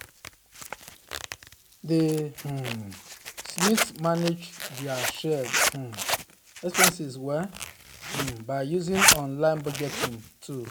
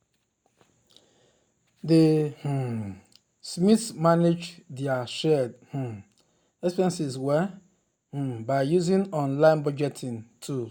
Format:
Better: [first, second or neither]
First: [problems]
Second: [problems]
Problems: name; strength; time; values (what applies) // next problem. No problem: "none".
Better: second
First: background sound (Zipper (clothing)); as loud as the speech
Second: none